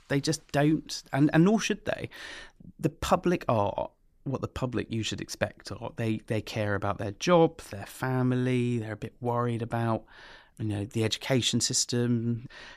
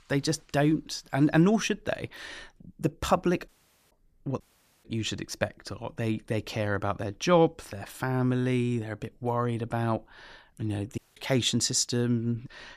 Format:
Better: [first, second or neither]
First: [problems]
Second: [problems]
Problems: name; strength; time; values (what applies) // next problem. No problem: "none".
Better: first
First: none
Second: audio cutting out; at 3.5 s, at 4.5 s and at 11 s